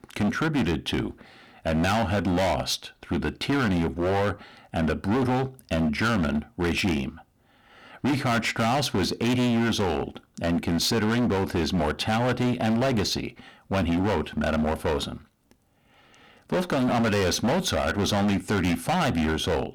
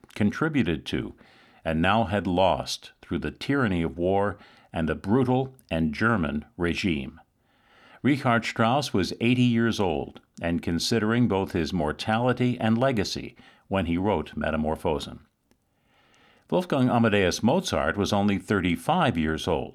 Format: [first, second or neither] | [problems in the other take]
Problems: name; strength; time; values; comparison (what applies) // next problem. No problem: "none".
second | distortion; heavy; 22% of the sound clipped